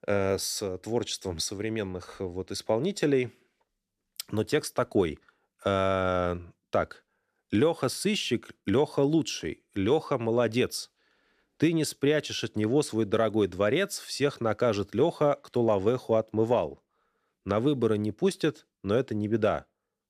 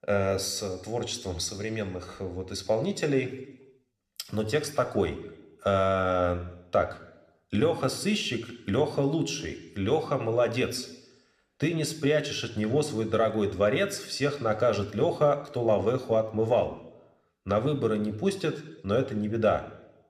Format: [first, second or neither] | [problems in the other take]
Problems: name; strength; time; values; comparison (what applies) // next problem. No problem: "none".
first | room echo; very slight; dies away in 0.8 s